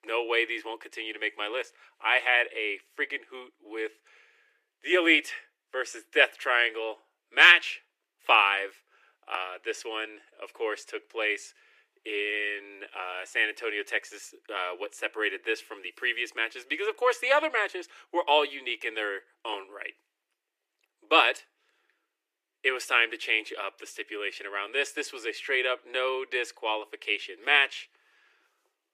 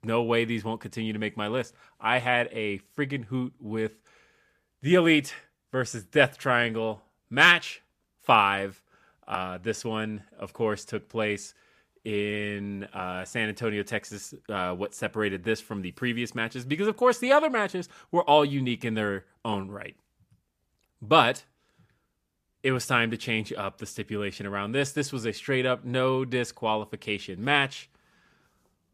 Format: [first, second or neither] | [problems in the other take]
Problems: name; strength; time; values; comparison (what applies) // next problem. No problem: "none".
second | thin; very; fading below 300 Hz